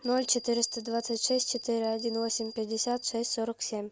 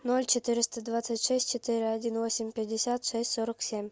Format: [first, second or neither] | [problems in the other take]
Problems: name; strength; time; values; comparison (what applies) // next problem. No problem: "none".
second | background sound (Bell); 12 dB below the speech